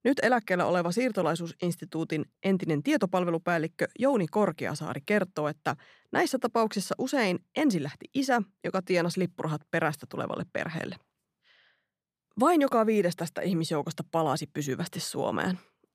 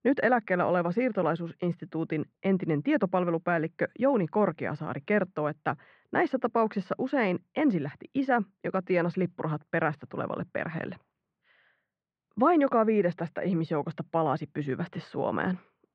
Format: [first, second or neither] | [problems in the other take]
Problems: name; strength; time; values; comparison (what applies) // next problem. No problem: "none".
first | muffled; very; fading above 2.5 kHz